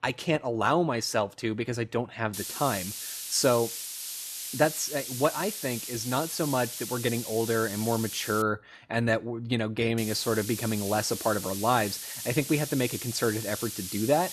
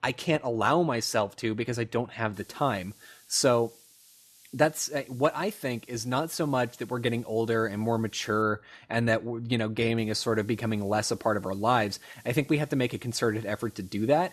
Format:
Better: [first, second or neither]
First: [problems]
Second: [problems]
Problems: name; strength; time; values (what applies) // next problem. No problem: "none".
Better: second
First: hiss; loud; from 2.5 to 8.5 s and from 10 s on; 6 dB below the speech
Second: hiss; faint; from 2.5 to 8.5 s and from 10 s on; 25 dB below the speech